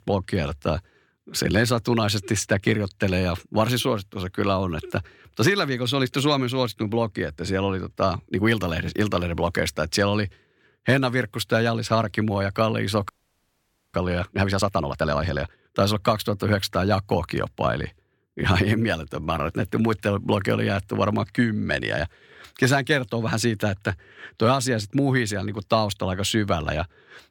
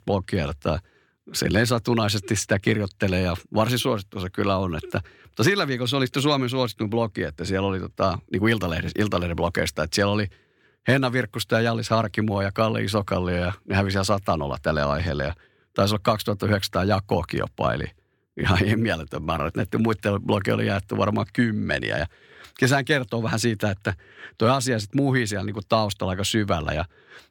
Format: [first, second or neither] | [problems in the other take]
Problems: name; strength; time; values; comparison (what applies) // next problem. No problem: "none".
second | audio freezing; at 13 s for 1 s